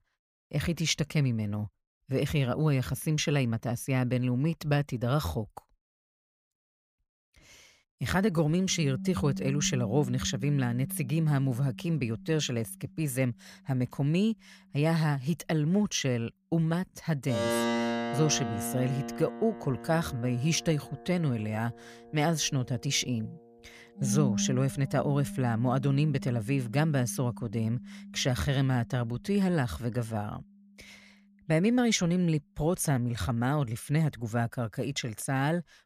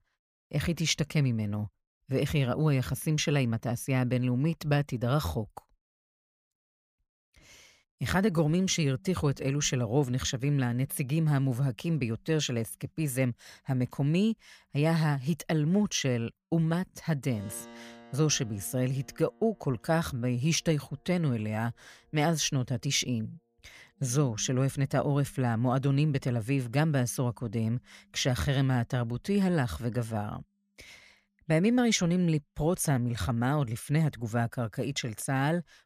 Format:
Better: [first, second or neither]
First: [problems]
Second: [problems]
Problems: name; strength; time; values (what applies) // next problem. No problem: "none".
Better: second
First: background music; loud; from 9 s on; 8 dB below the speech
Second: background music; faint; from 9 s on; 25 dB below the speech